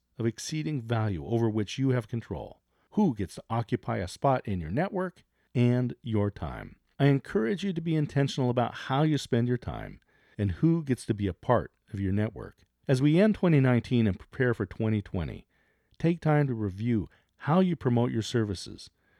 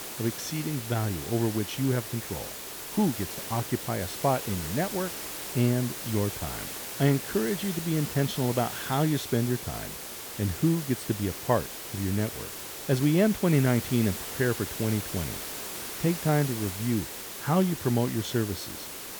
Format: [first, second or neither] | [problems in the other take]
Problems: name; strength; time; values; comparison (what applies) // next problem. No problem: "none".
first | hiss; loud; throughout; 7 dB below the speech